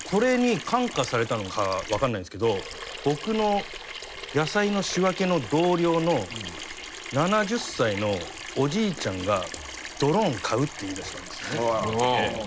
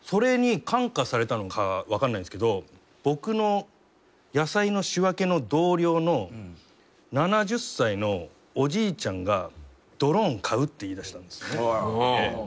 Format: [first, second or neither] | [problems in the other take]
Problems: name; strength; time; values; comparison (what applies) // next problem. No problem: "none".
second | background sound (Sink (filling or washing) / Water tap, faucet); 12 dB below the speech